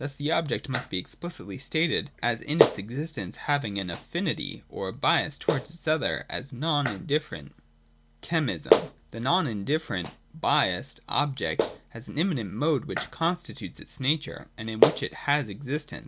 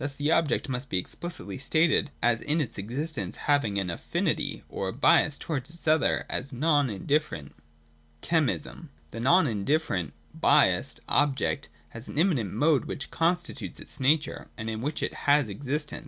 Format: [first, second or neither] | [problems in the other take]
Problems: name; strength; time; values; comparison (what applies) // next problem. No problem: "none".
second | background sound (Clapping); 3 dB below the speech